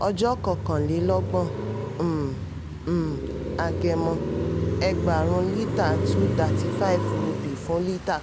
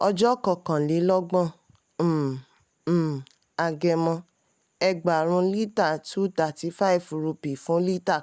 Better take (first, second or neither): second